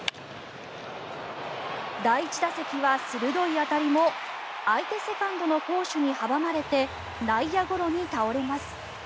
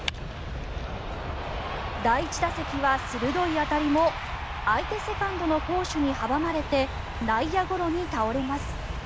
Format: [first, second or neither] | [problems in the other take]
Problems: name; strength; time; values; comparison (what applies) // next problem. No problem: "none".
first | background sound (Animal); 8 dB below the speech